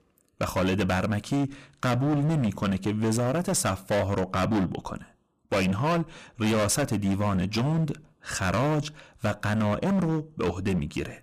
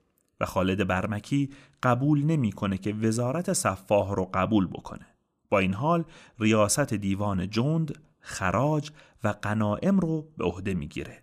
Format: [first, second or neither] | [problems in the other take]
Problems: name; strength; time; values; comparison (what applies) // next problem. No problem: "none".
second | distortion; heavy; 20% of the sound clipped